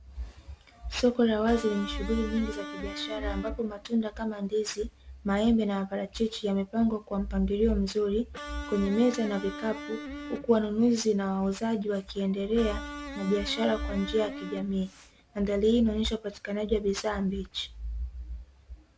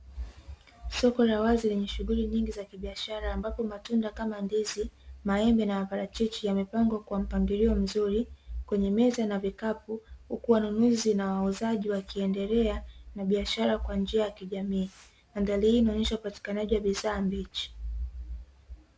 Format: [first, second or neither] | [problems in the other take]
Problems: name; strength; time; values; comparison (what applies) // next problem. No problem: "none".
second | background sound (Electric guitar); 12 dB below the speech